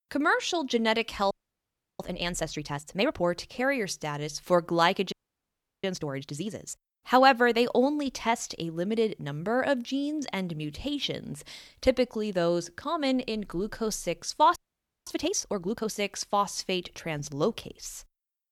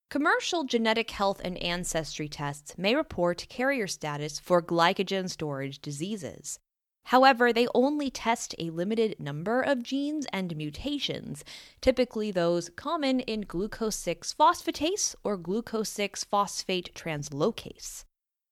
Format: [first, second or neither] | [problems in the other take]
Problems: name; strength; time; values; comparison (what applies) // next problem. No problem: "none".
second | audio freezing; at 1.5 s for 0.5 s, at 5 s for 0.5 s and at 15 s for 0.5 s